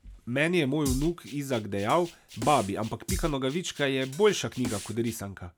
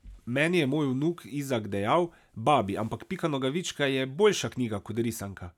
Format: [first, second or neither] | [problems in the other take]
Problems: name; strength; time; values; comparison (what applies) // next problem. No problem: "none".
second | background sound (Drum kit); 10 dB below the speech